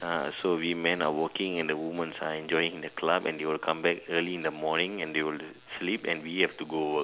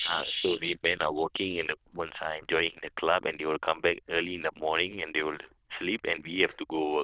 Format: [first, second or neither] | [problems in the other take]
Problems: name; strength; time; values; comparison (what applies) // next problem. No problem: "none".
first | noise reduction (neural diffusion model UNIVERSE++)